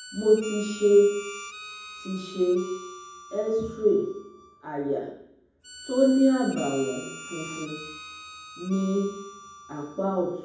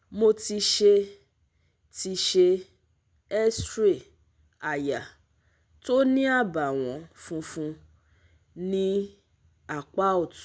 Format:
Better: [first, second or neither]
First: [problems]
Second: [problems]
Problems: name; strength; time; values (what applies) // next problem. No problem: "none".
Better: second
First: background sound (Harmonica); 16 dB below the speech // room echo; dies away in 1.2 s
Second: none